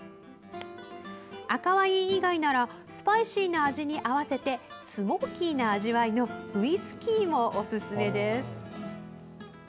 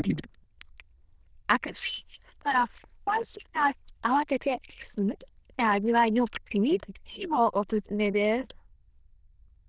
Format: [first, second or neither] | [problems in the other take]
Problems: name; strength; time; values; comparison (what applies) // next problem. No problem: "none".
first | noise reduction (neural diffusion model UNIVERSE++)